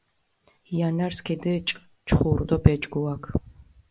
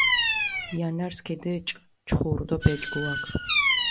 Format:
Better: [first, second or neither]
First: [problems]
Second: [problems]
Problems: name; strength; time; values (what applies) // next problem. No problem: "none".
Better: first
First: none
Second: background sound (Bird vocalization, bird call, bird song); 1 dB above the speech